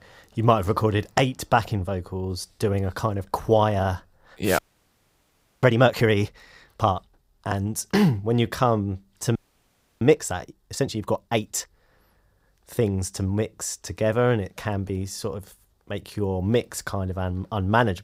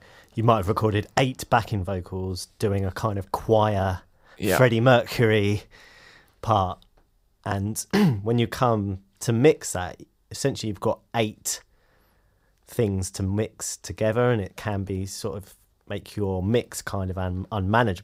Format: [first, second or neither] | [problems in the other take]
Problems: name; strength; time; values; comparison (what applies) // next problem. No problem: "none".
second | audio freezing; at 4.5 s for 1 s and at 9.5 s for 0.5 s